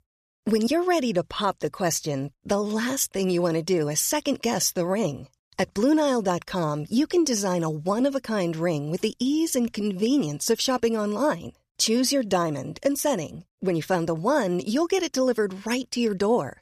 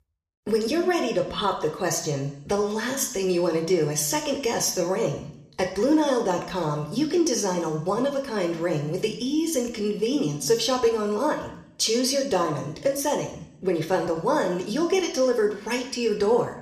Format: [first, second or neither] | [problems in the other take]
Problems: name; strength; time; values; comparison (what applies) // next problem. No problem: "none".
first | room echo; slight; dies away in 0.7 s